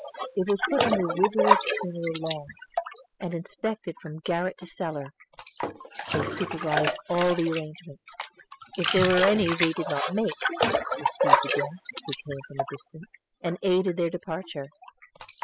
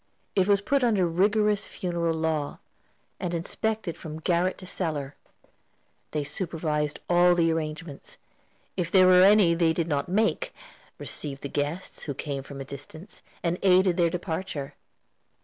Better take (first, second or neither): second